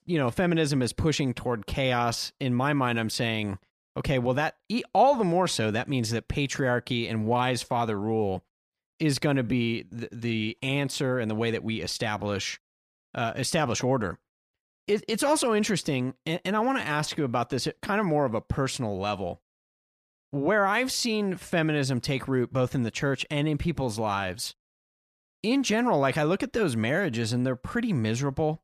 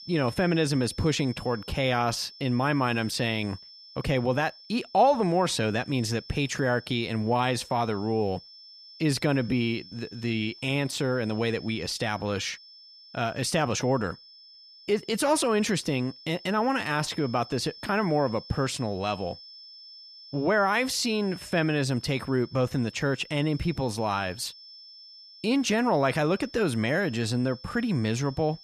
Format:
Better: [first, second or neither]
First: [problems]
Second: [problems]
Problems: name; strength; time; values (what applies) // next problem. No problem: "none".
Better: first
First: none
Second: high-pitched whine; noticeable; throughout; 5.5 kHz, 20 dB below the speech